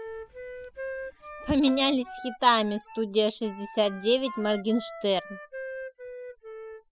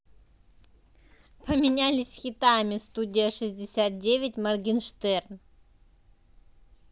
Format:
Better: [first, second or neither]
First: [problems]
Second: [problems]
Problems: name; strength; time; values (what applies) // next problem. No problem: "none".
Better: second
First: noise reduction (classical method spectral subtraction)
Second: none